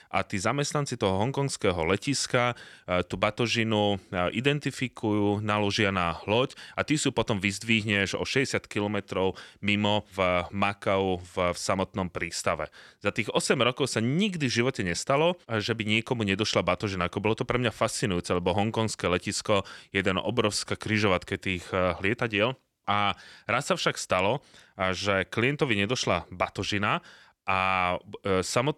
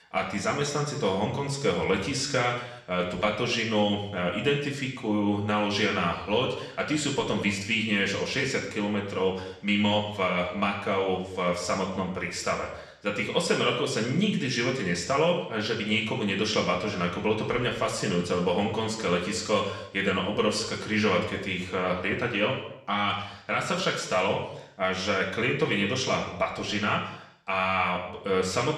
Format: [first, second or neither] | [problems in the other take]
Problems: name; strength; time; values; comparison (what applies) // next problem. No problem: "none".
first | room echo; noticeable; dies away in 0.7 s // off-mic speech; far